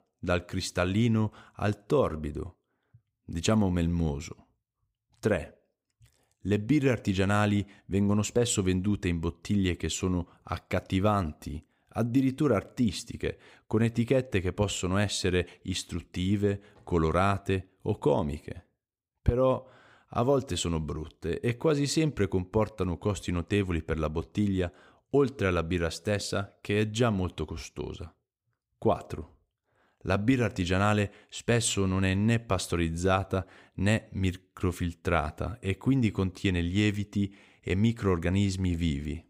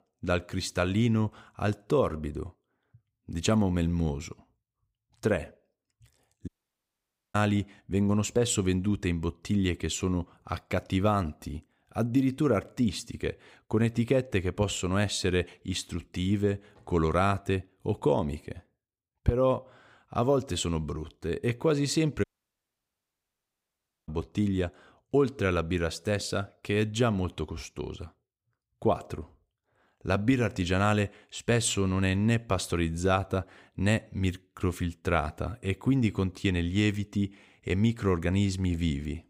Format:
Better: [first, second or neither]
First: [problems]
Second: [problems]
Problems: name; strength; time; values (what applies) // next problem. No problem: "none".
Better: first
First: none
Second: audio cutting out; at 6.5 s for 1 s and at 22 s for 2 s